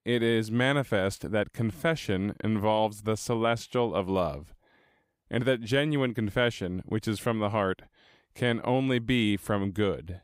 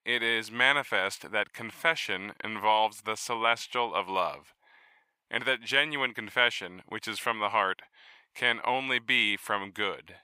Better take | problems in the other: first | thin; very; fading below 1 kHz

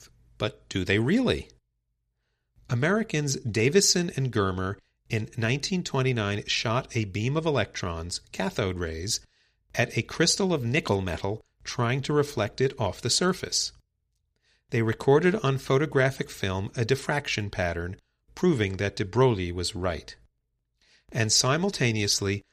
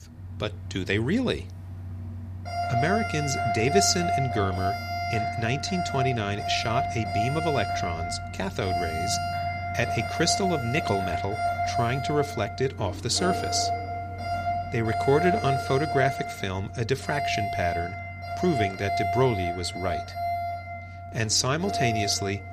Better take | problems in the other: first | alarms or sirens; loud; throughout; 2 dB below the speech

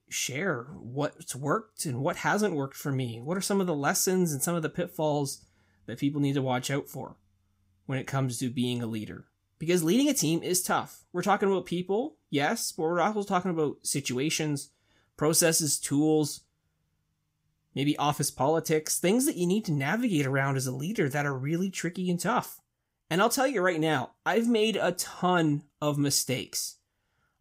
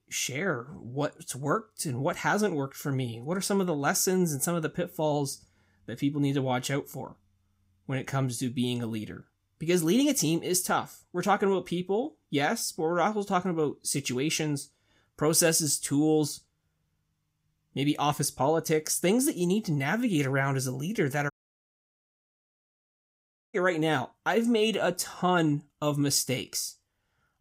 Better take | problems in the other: first | audio cutting out; at 21 s for 2 s

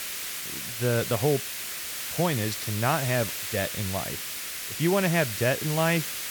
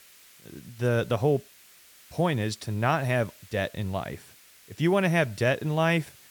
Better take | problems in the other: second | hiss; loud; throughout; 4 dB below the speech; faint in the second

